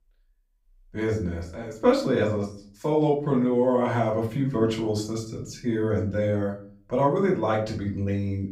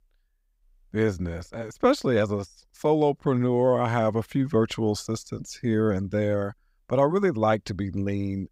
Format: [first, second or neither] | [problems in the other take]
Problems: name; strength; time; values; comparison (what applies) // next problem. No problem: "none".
second | off-mic speech; far // room echo; slight; dies away in 0.4 s